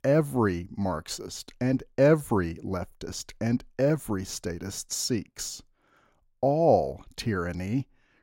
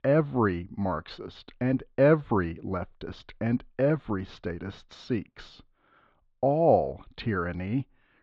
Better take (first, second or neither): first